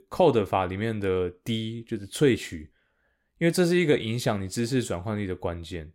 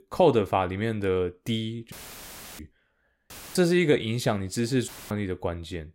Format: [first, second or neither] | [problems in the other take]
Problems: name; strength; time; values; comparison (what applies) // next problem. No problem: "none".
first | audio cutting out; filled with static; at 2 s for 0.5 s, at 3.5 s and at 5 s